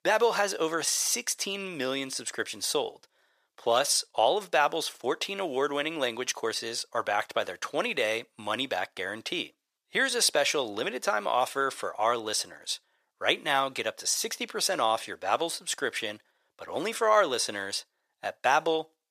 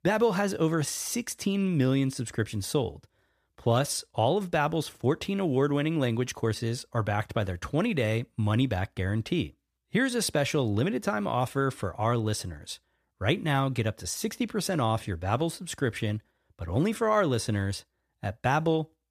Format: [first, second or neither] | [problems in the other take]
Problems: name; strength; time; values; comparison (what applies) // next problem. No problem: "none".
second | thin; very; fading below 600 Hz